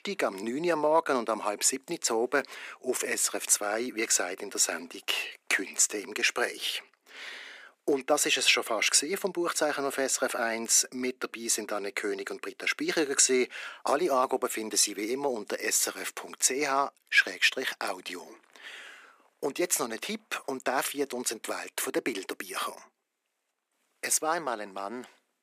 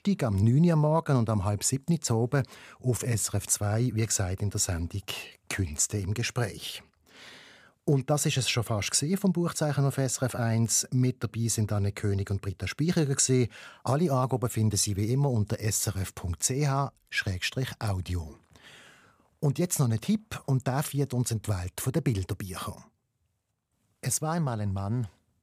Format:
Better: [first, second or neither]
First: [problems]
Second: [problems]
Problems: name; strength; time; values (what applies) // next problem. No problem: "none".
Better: second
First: thin; very; fading below 300 Hz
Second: none